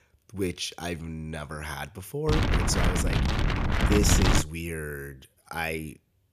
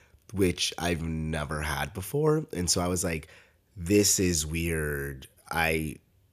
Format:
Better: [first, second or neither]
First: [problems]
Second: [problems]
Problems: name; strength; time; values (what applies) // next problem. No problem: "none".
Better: second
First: wind noise on the microphone; heavy; from 2.5 to 4.5 s; 4 dB above the speech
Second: none